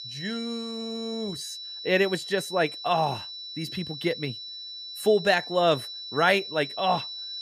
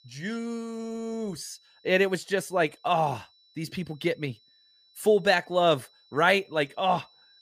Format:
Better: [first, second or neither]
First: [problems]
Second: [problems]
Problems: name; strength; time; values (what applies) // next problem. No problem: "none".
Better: second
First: high-pitched whine; loud; throughout; 4 kHz, 9 dB below the speech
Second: high-pitched whine; faint; throughout; 4 kHz, 30 dB below the speech